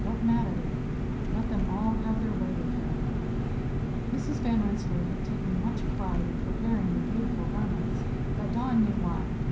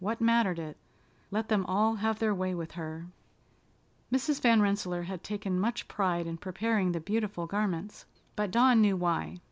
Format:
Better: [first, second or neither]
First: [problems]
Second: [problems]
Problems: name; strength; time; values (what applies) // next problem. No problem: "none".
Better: second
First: background sound (Engine); 3 dB above the speech // room echo; dies away in 0.6 s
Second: none